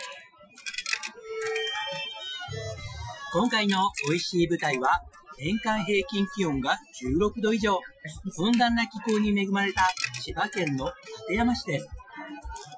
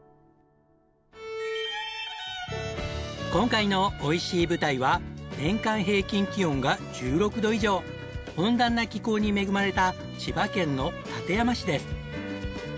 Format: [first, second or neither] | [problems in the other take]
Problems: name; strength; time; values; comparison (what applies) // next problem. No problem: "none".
second | noise reduction (classical method Wiener filter)